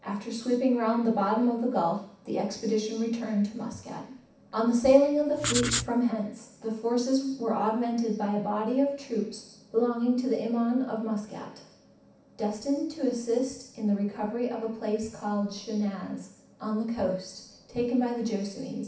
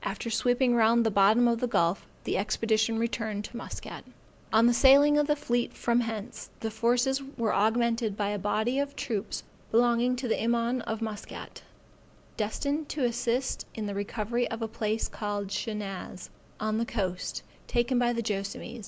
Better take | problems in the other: second | background sound (Writing); 1 dB below the speech // room echo; dies away in 0.7 s

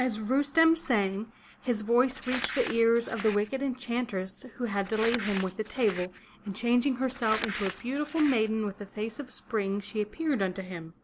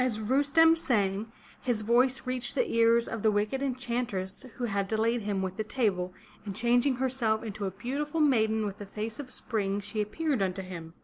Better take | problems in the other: second | background sound (Crumpling, crinkling); 11 dB below the speech

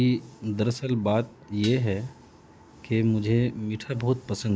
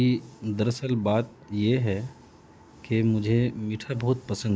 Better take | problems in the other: second | background sound (Dishes, pots, and pans); 17 dB below the speech

